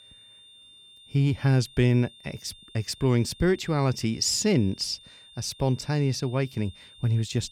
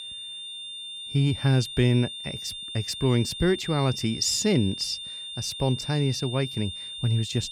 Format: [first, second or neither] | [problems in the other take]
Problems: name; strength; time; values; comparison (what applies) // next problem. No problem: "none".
first | high-pitched whine; loud; throughout; 3.5 kHz, 8 dB below the speech; faint in the first